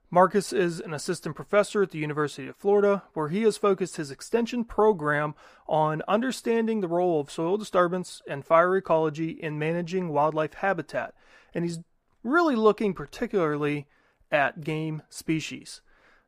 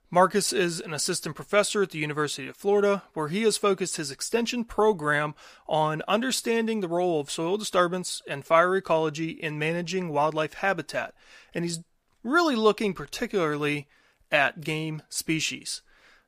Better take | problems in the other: second | muffled; slightly; fading above 2 kHz

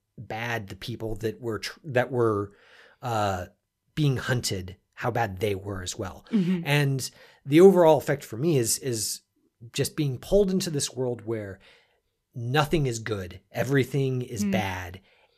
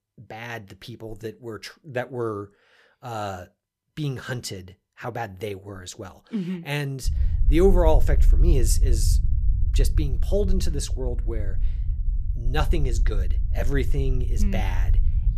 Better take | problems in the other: first | low rumble; noticeable; from 7 s on; 15 dB below the speech

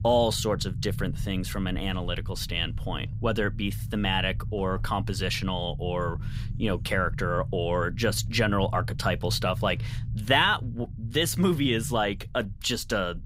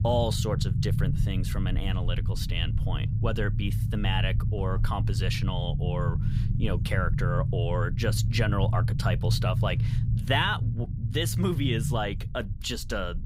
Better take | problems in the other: first | low rumble; loud; throughout; 9 dB below the speech; faint in the first

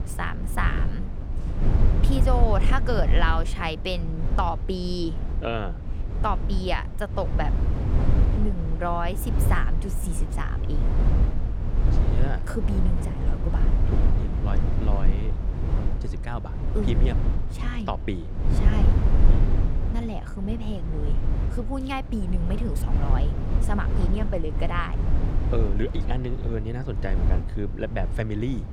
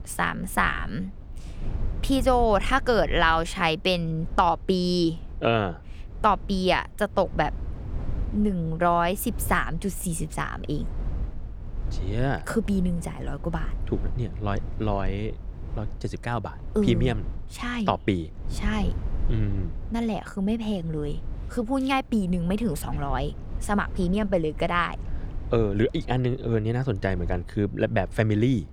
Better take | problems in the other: second | low rumble; loud; throughout; 7 dB below the speech; faint in the second

